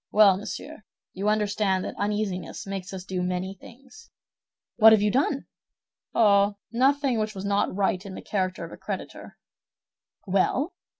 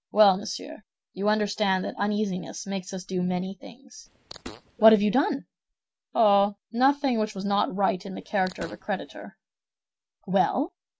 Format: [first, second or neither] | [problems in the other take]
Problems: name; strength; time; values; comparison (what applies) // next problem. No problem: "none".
first | background sound (Fart); 19 dB below the speech